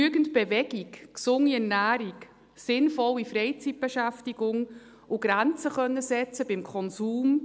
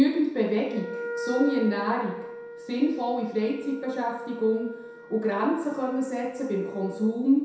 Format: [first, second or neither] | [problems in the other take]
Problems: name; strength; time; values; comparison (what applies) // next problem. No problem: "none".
first | background sound (Wind instrument, woodwind instrument); 12 dB below the speech // room echo; dies away in 0.7 s